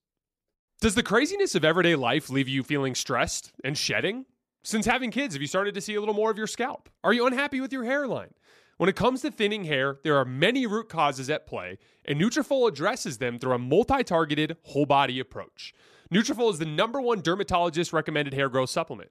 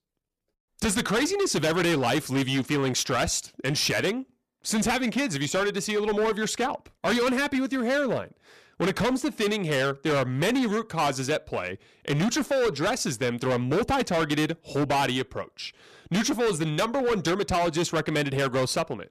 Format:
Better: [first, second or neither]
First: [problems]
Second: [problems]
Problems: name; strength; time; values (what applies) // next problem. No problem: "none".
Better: first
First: none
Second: distortion; heavy; 19% of the sound clipped